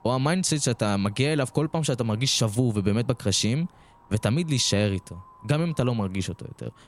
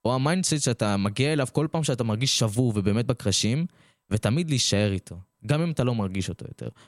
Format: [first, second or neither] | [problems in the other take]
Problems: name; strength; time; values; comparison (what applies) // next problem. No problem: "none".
second | wind noise on the microphone; occasional gusts; 25 dB below the speech